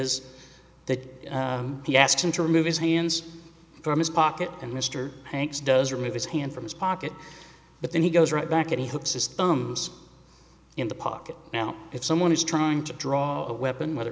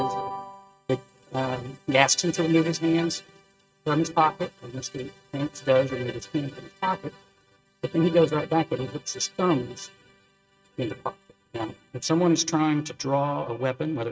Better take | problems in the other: first | noise reduction (neural mask model RNNoise)

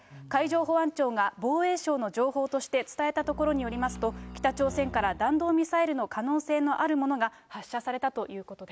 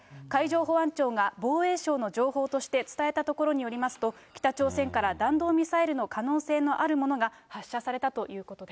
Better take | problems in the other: second | background sound (Bowed string instrument); 14 dB below the speech

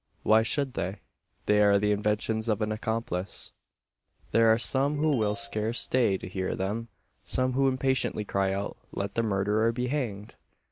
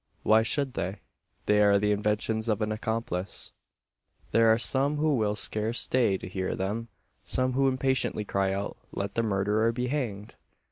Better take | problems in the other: second | background sound (Ringtone); 19 dB below the speech

